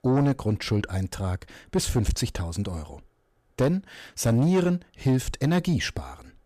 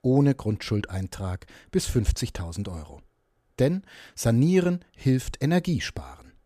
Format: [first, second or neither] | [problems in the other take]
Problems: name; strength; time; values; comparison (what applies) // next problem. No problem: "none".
second | distortion; slight; 10 dB below the speech